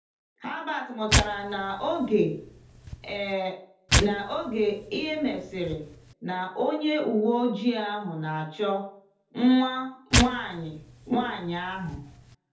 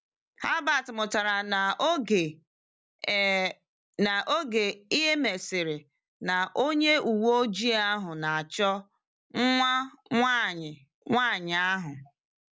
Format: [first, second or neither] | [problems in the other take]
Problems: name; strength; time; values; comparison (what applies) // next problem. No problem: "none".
second | background sound (Tearing); 2 dB below the speech // room echo; dies away in 0.5 s